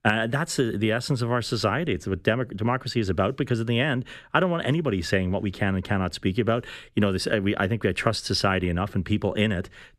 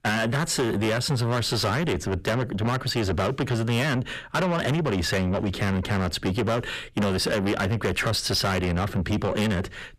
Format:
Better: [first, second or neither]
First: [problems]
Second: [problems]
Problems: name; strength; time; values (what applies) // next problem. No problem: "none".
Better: first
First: none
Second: distortion; heavy; 6 dB below the speech